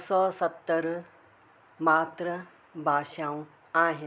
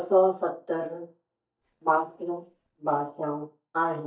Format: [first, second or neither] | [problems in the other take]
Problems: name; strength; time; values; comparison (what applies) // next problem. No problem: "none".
first | noise reduction (neural mask model DeepFilterNet 3)